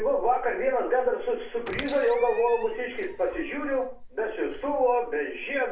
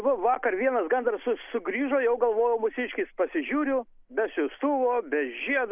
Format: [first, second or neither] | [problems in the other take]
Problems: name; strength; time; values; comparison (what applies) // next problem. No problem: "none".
second | background sound (Squeak); 18 dB below the speech // room echo; dies away in 0.4 s